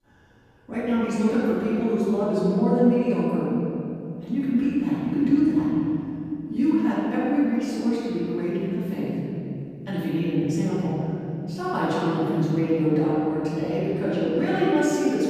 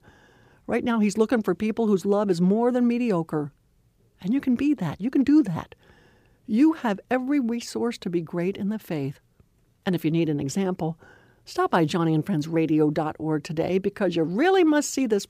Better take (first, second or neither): second